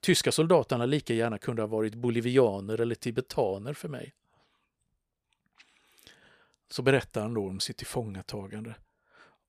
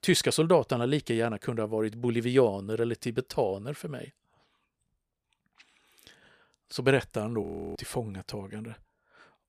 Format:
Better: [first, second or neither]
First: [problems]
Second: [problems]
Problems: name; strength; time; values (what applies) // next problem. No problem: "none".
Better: first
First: none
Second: audio freezing; at 7.5 s